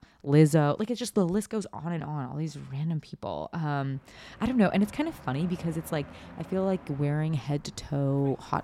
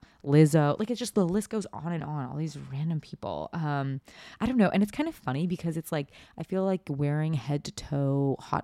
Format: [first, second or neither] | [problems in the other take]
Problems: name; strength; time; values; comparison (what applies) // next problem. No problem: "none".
second | traffic noise; faint; from 4.5 s on; 20 dB below the speech